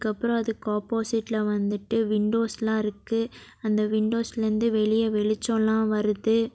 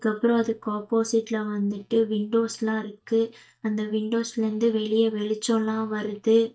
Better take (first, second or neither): first